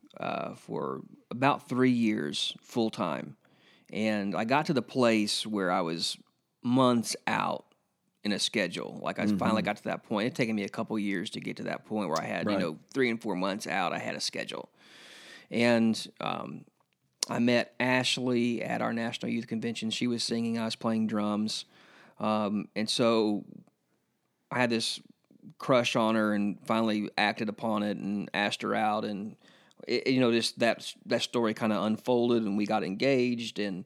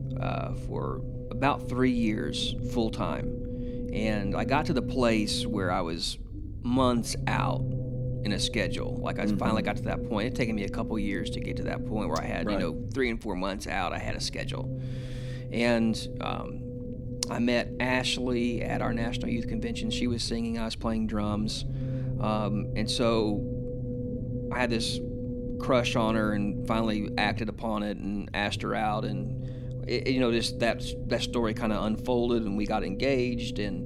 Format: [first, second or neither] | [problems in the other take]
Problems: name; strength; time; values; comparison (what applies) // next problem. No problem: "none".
first | low rumble; noticeable; throughout; 10 dB below the speech